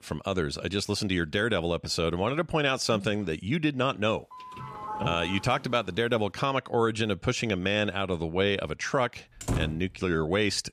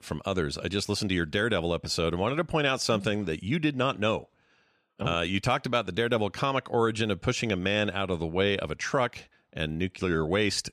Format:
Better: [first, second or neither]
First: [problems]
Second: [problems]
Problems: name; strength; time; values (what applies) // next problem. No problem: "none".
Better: second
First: doorbell; noticeable; from 4.5 to 6 s; peak 8 dB below the speech // door banging; noticeable; at 9.5 s; peak 4 dB below the speech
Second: none